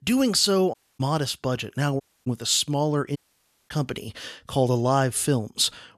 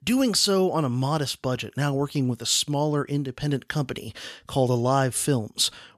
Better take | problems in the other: second | audio cutting out; at 0.5 s, at 2 s and at 3 s for 0.5 s

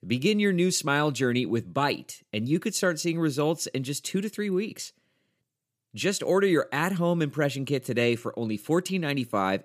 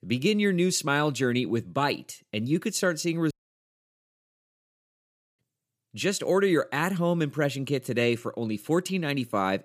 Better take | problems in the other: first | audio cutting out; at 3.5 s for 2 s

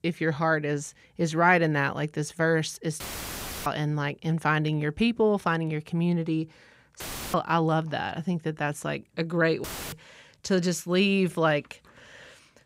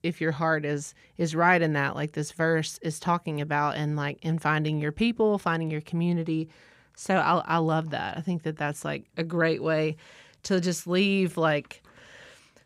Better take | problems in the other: second | audio cutting out; filled with static; at 3 s for 0.5 s, at 7 s and at 9.5 s

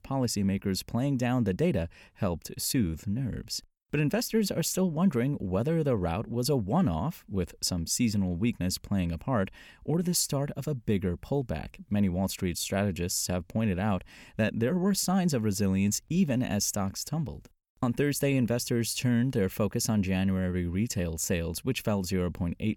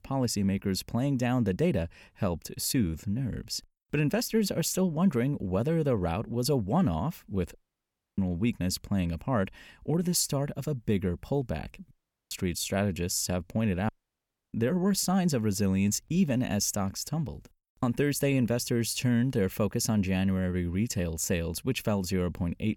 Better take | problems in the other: first | audio cutting out; at 7.5 s for 0.5 s, at 12 s and at 14 s for 0.5 s

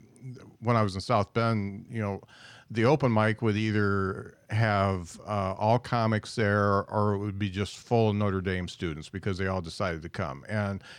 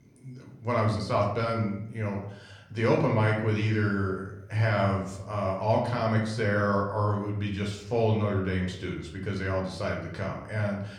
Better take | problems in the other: first | room echo; slight; dies away in 0.6 s // off-mic speech; somewhat distant

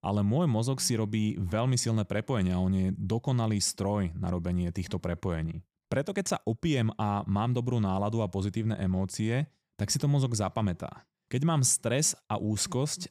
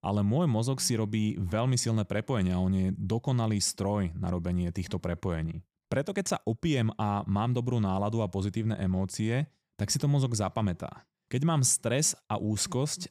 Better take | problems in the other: neither | none

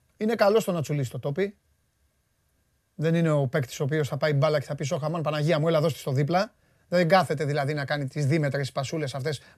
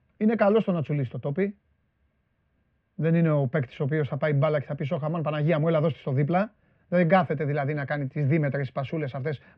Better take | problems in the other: first | muffled; very; fading above 2.5 kHz

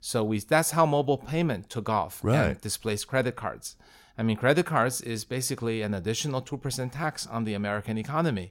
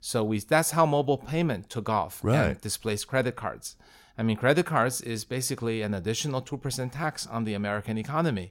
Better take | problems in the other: neither | none

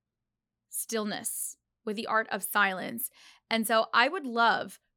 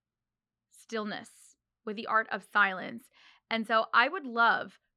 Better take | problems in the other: first | muffled; very slightly; fading above 3.5 kHz

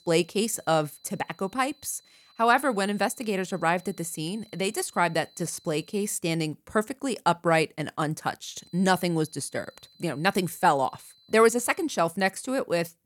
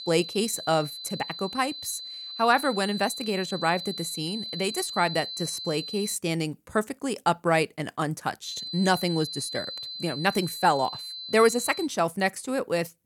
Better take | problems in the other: first | high-pitched whine; loud; until 6 s and from 8.5 to 12 s; 4 kHz, 8 dB below the speech; faint in the first

